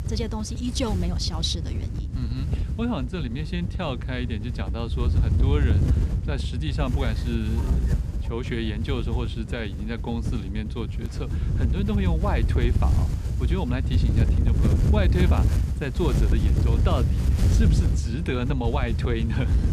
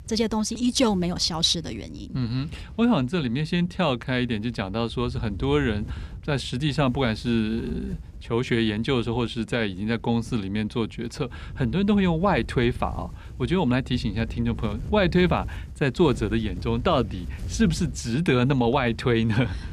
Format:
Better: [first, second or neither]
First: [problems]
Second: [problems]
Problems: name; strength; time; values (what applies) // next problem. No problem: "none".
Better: second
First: wind noise on the microphone; heavy; 6 dB below the speech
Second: wind noise on the microphone; occasional gusts; 25 dB below the speech